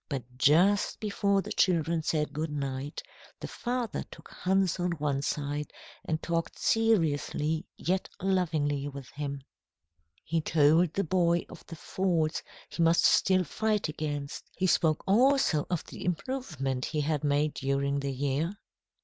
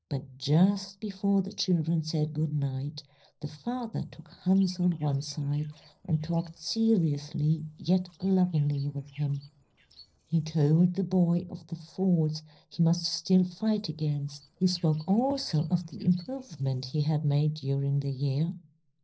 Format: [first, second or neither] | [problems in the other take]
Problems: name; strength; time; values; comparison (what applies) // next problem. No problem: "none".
first | noise reduction (neural separator model SepFormer DNS4)